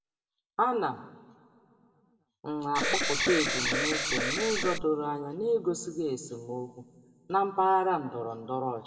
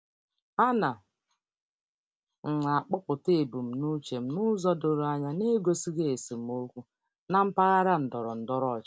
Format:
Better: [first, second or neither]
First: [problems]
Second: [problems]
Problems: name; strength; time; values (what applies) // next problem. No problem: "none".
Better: second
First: background sound (Alarm); 2 dB above the speech // room echo; dies away in 1.1 s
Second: none